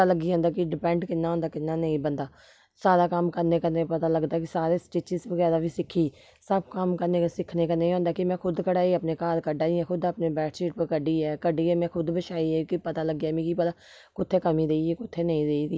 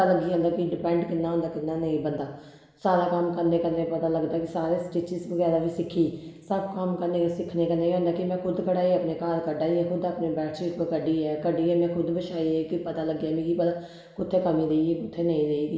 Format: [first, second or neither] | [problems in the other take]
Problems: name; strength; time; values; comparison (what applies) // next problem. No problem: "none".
first | room echo; dies away in 1.3 s